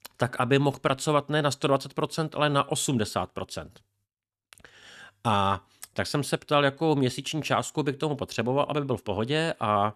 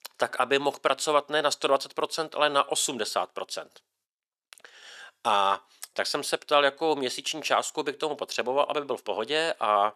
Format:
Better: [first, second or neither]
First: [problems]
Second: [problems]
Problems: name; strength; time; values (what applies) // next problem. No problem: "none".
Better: first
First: none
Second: thin; somewhat; fading below 500 Hz